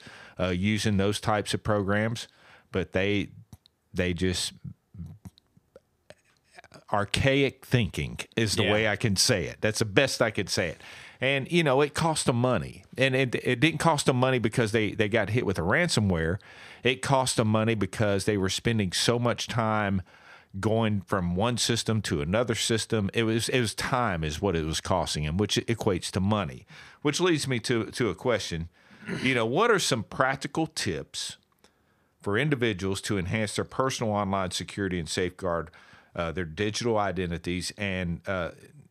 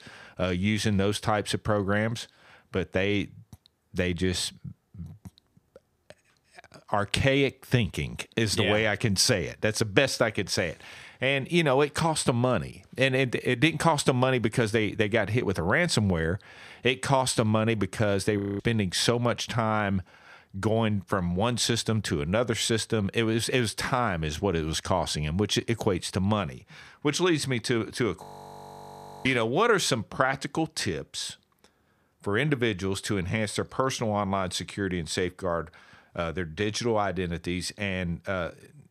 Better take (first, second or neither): first